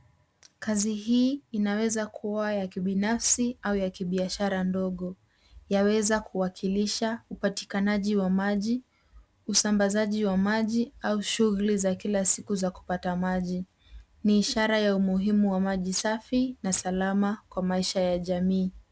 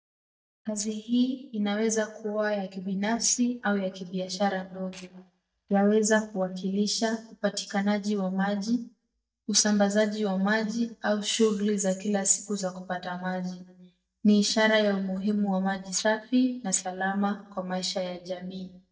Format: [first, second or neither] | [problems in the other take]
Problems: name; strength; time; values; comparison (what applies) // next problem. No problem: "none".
first | noise reduction (neural mask model DeepFilterNet 3)